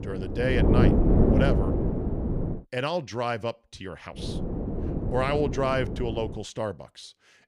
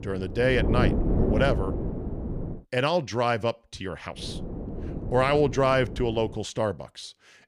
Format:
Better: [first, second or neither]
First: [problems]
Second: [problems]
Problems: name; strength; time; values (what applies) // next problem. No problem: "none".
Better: second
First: wind noise on the microphone; heavy; until 2.5 s and from 4 to 6.5 s; 2 dB below the speech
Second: wind noise on the microphone; occasional gusts; until 2.5 s and from 4 to 6.5 s; 10 dB below the speech